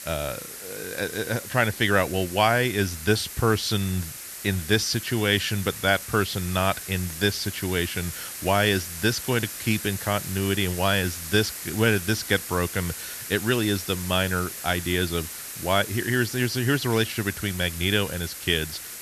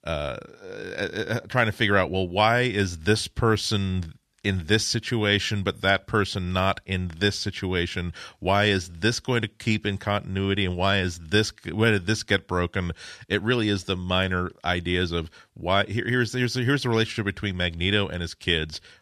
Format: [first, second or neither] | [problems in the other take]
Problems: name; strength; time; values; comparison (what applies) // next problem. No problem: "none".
second | hiss; loud; throughout; 9 dB below the speech